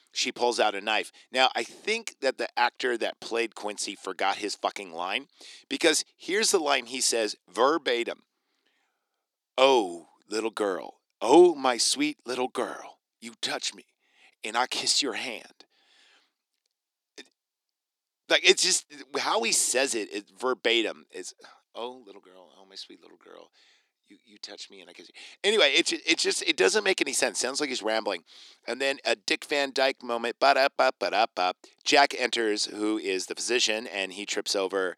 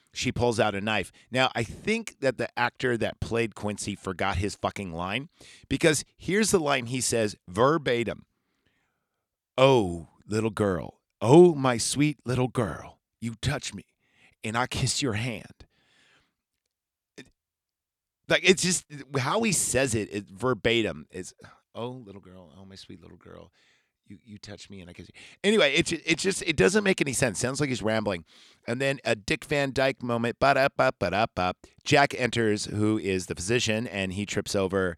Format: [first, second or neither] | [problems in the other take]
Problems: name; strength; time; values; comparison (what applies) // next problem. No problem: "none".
second | thin; somewhat; fading below 300 Hz